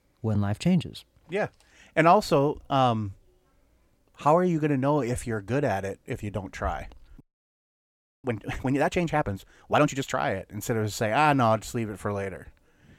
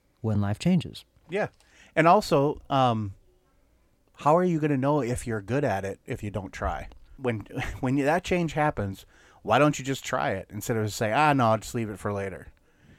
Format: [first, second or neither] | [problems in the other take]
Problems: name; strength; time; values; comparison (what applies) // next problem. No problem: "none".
second | audio freezing; at 7 s for 1 s